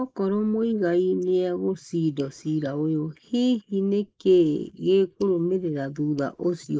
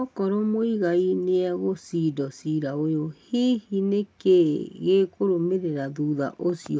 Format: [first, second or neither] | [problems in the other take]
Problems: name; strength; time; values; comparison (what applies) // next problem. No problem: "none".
second | noise reduction (neural mask model Resemble Enhance denoiser)